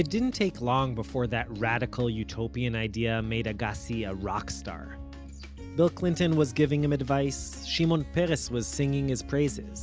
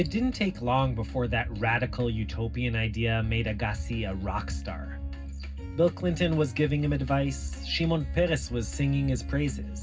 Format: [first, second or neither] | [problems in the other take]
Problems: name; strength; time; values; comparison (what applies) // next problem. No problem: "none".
first | room echo; dies away in 0.4 s